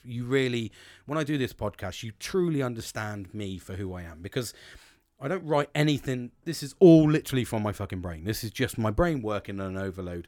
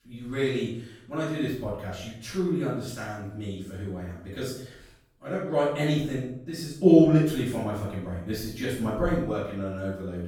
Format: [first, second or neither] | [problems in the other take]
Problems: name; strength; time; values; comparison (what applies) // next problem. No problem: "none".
first | off-mic speech; far // room echo; noticeable; dies away in 0.6 s